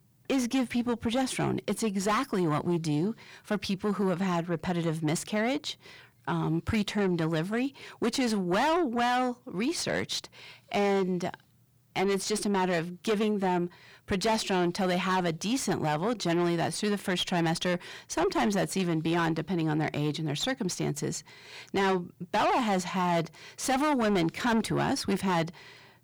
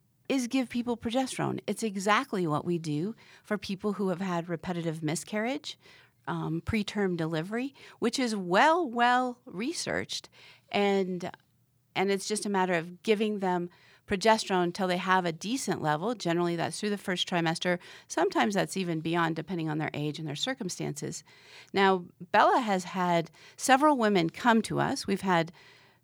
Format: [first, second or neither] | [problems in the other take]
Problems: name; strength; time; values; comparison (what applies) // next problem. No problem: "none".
second | distortion; heavy; 7 dB below the speech